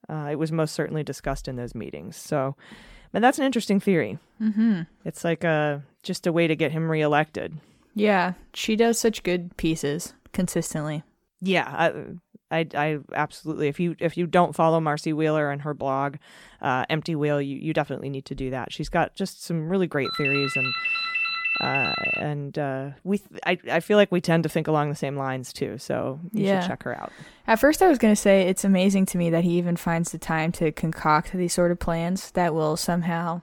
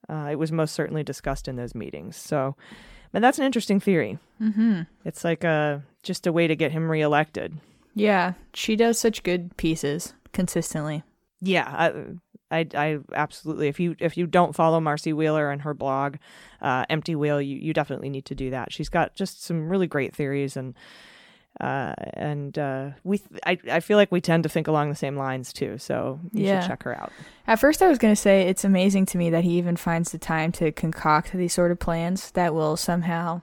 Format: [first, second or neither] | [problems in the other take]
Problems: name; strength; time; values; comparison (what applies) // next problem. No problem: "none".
second | phone ringing; loud; from 20 to 22 s; peak 2 dB above the speech